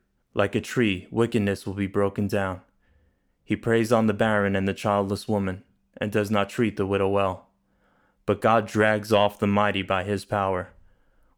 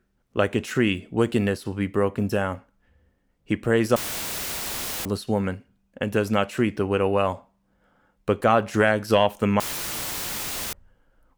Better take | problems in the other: first | audio cutting out; filled with static; at 4 s for 1 s and at 9.5 s for 1 s

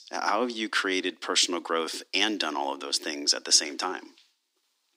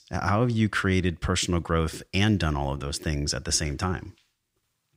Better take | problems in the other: second | thin; somewhat; fading below 250 Hz

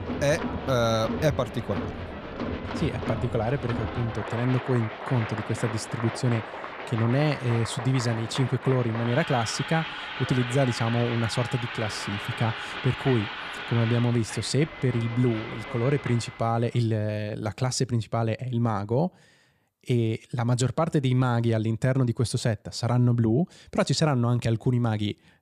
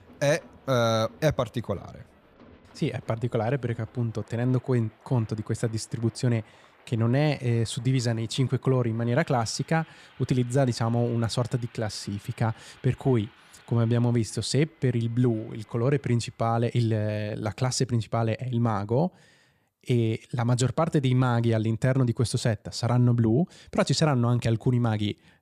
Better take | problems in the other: second | crowd noise; loud; until 16 s; 8 dB below the speech; faint in the second

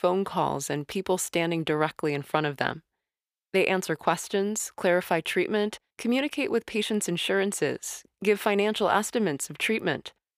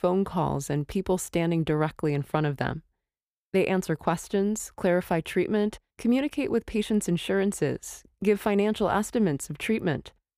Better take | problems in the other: second | thin; very slightly; fading below 850 Hz

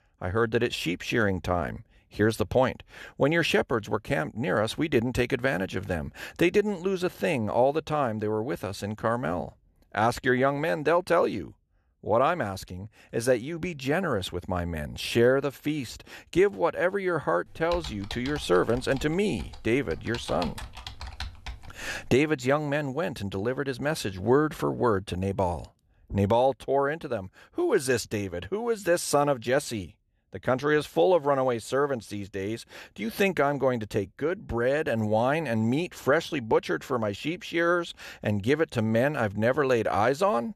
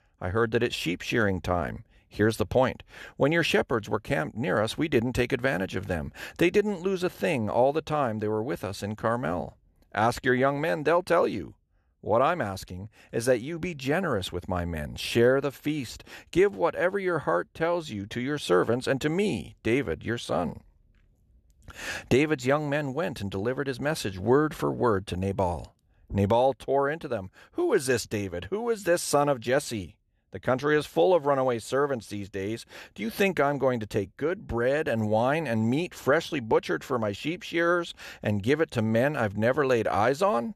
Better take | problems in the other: second | keyboard typing; faint; from 18 to 22 s; peak 10 dB below the speech

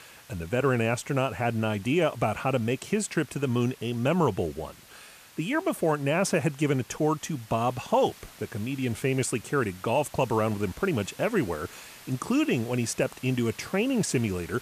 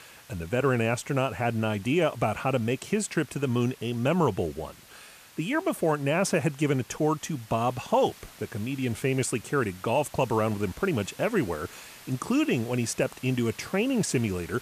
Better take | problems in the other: neither | hiss; faint; throughout; 20 dB below the speech; the same in both

